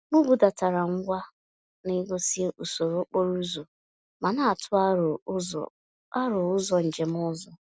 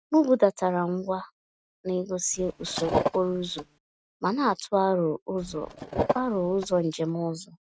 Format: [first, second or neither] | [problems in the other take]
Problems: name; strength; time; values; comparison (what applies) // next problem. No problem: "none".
first | noise reduction (neural mask model RNNoise)